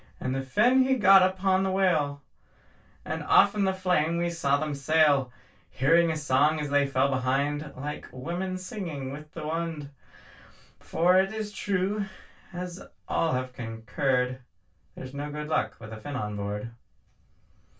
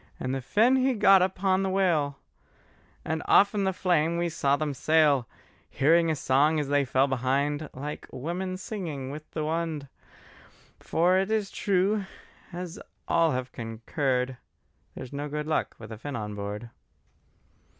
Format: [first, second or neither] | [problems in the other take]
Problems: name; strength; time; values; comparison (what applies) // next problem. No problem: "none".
second | room echo; dies away in 0.2 s